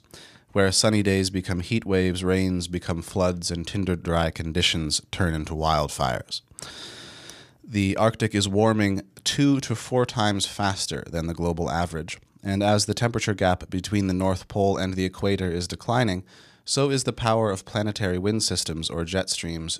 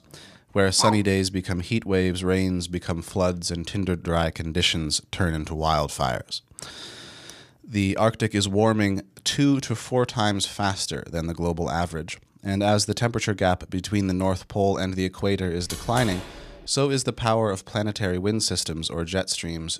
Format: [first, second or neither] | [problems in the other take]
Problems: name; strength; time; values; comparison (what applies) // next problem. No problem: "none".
first | dog barking; noticeable; at 1 s; peak 3 dB below the speech // door banging; noticeable; from 16 to 17 s; peak 9 dB below the speech